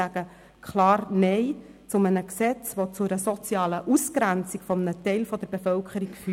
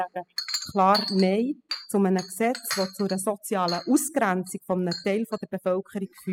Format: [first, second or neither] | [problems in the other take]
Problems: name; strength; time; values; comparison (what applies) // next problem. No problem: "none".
first | noise reduction (classical method spectral subtraction)